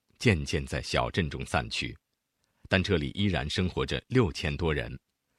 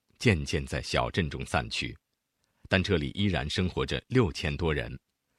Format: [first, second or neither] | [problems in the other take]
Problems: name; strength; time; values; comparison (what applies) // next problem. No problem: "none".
neither | none